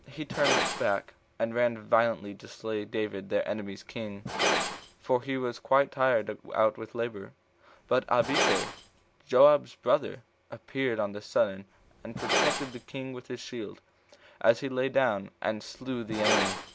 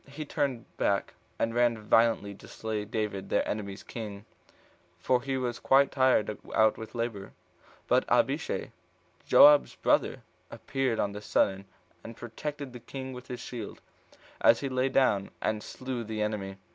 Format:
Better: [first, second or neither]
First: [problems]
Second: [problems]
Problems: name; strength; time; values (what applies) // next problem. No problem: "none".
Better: second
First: background sound (Glass); 6 dB below the speech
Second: none